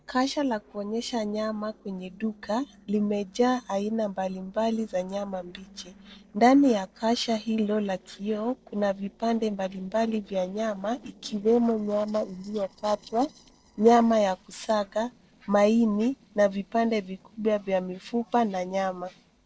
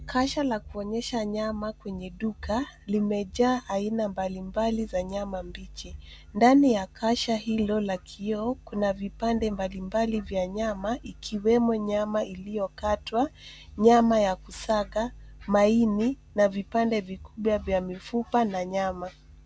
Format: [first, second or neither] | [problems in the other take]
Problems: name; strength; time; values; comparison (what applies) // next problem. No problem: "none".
second | noise reduction (neural separator model SepFormer DNS4)